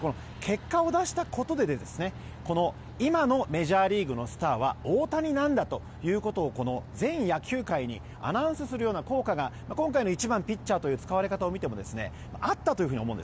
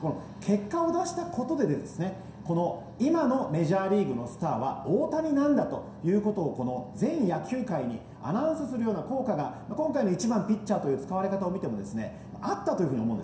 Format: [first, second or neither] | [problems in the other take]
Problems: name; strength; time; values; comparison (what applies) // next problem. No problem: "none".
first | room echo; dies away in 0.7 s